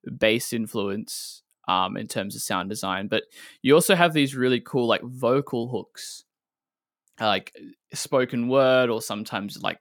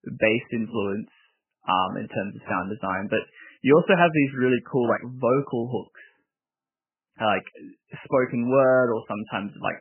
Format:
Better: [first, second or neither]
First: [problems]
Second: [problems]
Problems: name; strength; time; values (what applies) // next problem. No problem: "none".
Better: first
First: none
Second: garbled, watery; badly; nothing above 3 kHz